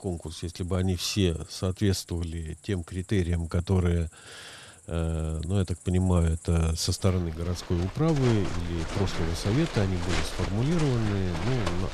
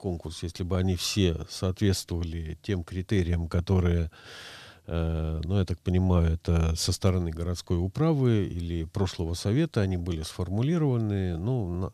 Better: second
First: animal sounds; loud; throughout; 10 dB below the speech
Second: none

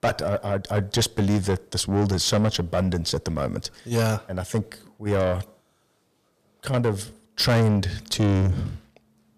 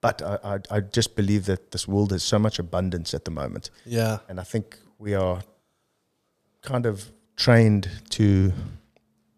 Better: second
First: distortion; heavy; 7 dB below the speech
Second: none

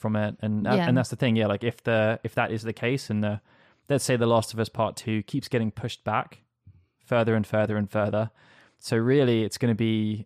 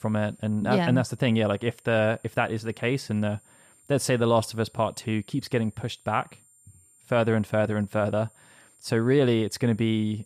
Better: first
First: none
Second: high-pitched whine; faint; throughout; 9 kHz, 30 dB below the speech

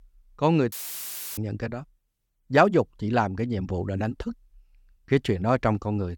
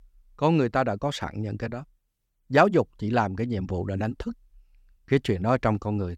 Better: second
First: audio cutting out; filled with static; at 0.5 s for 0.5 s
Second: none

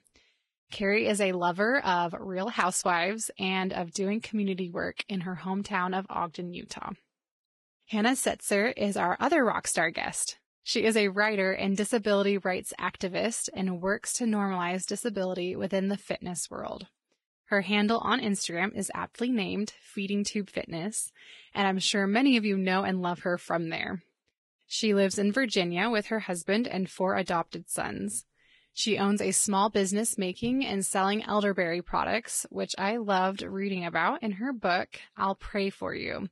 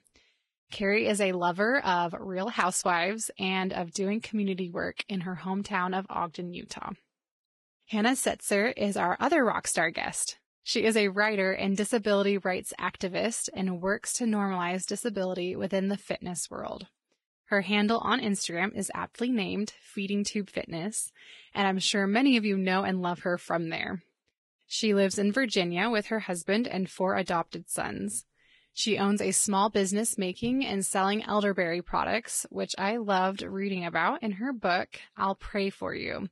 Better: neither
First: garbled, watery; badly; nothing above 10.5 kHz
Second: garbled, watery; badly; nothing above 10.5 kHz

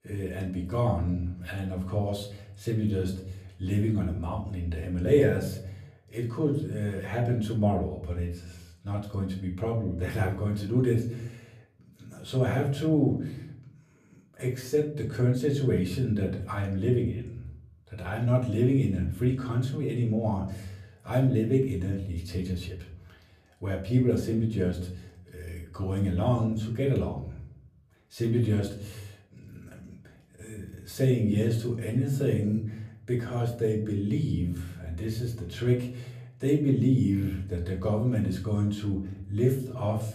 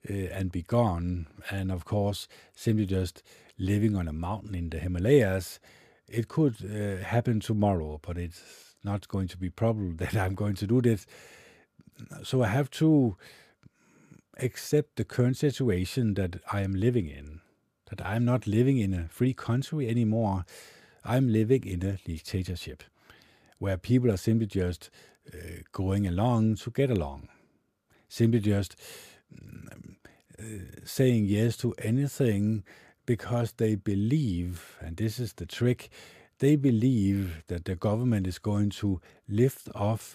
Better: second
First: room echo; slight; dies away in 0.7 s // off-mic speech; far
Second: none

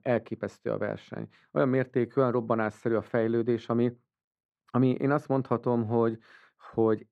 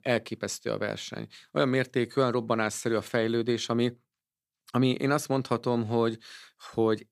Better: second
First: muffled; very; fading above 3 kHz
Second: none

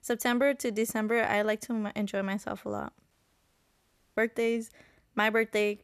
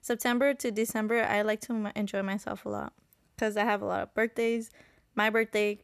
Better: second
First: audio cutting out; at 3 s for 1 s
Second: none

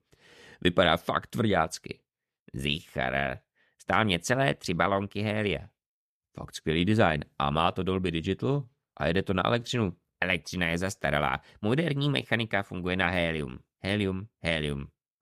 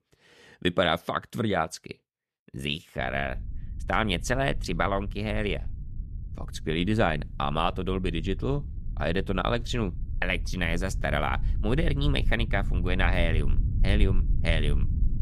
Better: first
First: none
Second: low rumble; faint; from 3 s on; 20 dB below the speech

